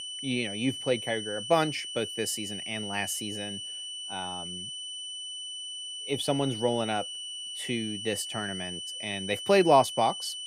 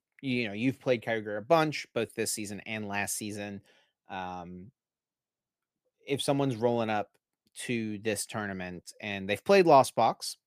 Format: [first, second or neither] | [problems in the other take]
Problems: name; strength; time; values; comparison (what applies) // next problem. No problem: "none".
second | high-pitched whine; loud; throughout; 3 kHz, 6 dB below the speech